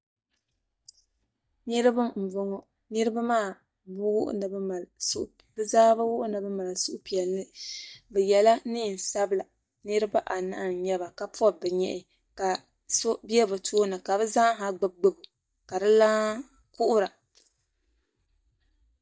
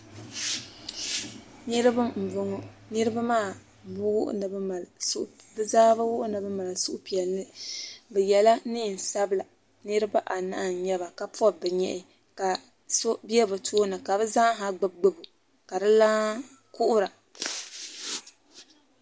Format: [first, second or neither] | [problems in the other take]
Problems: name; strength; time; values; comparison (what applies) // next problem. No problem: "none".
second | noise reduction (neural mask model DeepFilterNet 3)